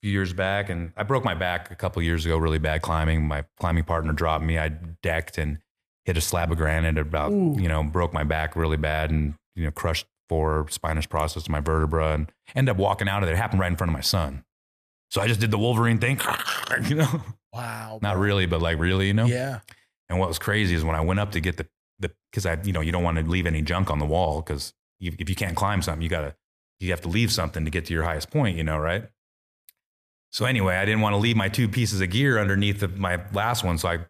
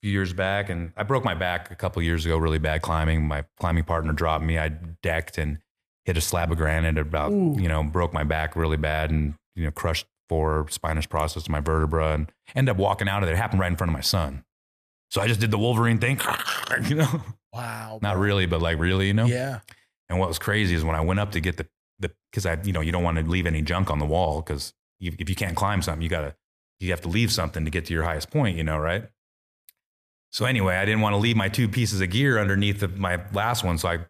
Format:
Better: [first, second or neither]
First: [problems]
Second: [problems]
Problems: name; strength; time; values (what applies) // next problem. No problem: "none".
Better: neither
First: none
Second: none